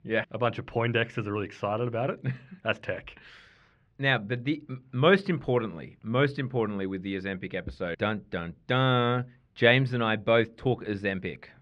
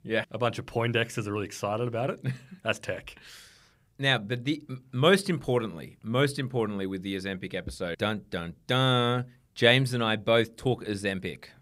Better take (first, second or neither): second